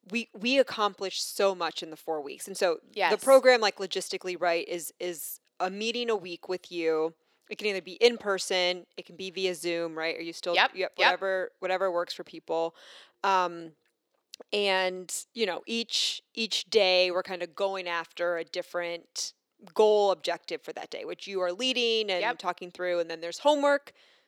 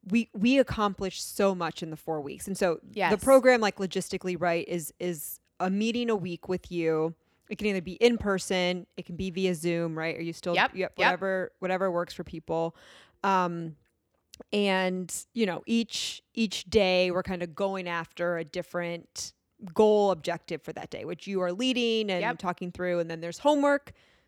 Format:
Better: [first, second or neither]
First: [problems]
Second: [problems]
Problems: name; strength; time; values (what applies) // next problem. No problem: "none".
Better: second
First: thin; somewhat; fading below 450 Hz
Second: none